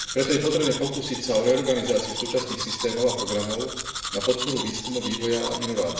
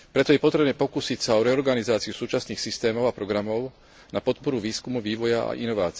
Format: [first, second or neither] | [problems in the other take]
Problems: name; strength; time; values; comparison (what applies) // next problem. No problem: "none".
second | background sound (Domestic sounds, home sounds); 7 dB below the speech // room echo; dies away in 0.7 s